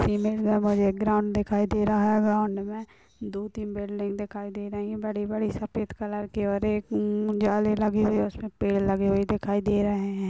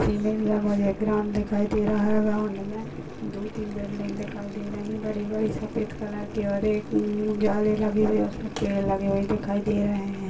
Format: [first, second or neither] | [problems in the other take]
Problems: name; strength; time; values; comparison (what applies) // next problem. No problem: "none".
first | background sound (Boiling); 12 dB below the speech // room echo; dies away in 0.2 s